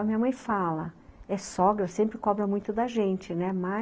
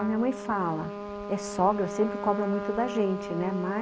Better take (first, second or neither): first